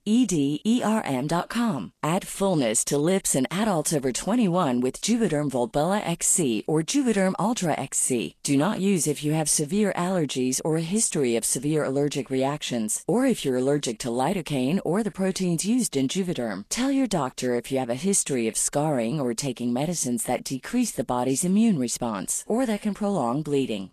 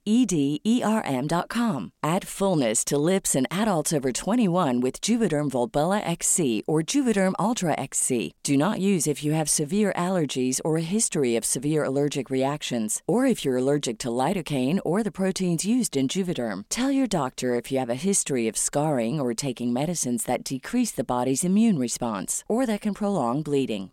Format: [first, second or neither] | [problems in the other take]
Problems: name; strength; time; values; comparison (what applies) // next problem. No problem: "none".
second | garbled, watery; slightly; nothing above 12 kHz